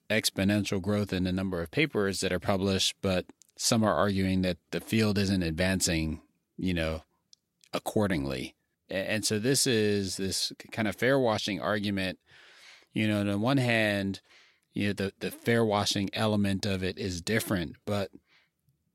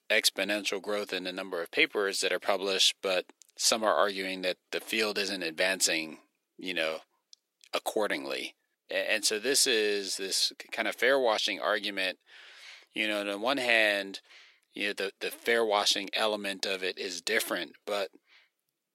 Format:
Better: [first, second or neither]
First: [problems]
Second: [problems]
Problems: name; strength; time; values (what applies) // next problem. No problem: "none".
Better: first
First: none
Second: thin; very; fading below 400 Hz